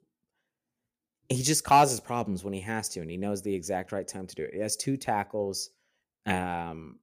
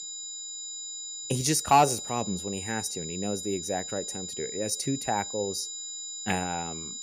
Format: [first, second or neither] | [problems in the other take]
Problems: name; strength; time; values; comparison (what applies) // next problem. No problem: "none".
first | high-pitched whine; loud; throughout; 7 kHz, 6 dB below the speech